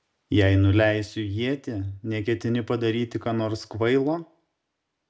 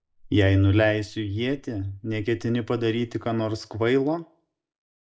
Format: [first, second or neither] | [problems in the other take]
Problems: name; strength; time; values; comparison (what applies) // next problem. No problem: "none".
first | noise reduction (neural mask model Resemble Enhance denoiser)